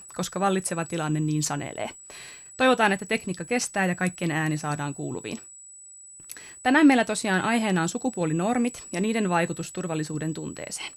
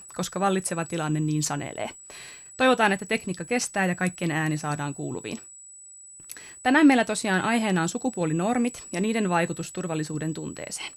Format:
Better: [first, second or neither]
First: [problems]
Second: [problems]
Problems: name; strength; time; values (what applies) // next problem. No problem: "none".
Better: neither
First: high-pitched whine; noticeable; throughout; 8 kHz, 15 dB below the speech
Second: high-pitched whine; noticeable; throughout; 8 kHz, 15 dB below the speech